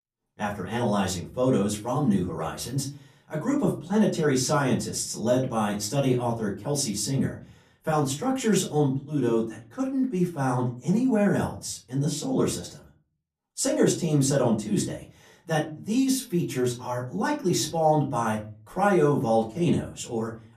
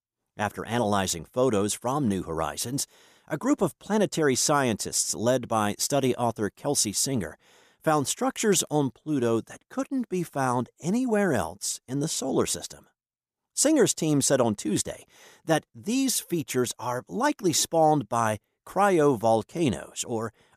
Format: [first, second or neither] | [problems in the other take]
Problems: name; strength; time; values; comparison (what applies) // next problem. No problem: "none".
second | off-mic speech; far // room echo; very slight; dies away in 0.4 s